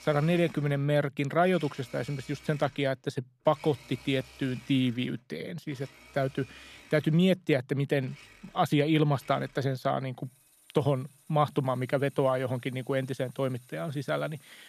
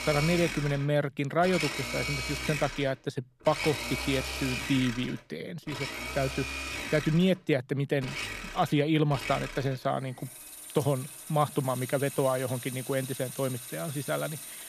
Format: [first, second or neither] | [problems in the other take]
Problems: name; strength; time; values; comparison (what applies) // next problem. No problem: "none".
first | household noises; loud; throughout; 6 dB below the speech; faint in the first